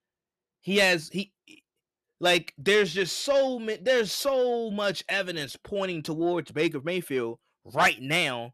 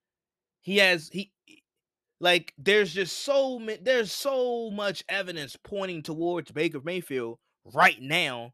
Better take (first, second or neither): second